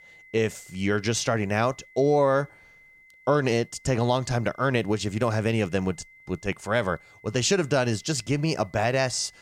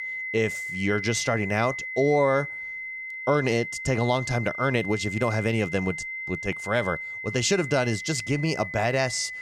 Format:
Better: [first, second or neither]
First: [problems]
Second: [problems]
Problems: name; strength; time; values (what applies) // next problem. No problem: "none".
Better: first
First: high-pitched whine; faint; throughout; 2 kHz, 25 dB below the speech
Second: high-pitched whine; loud; throughout; 2 kHz, 7 dB below the speech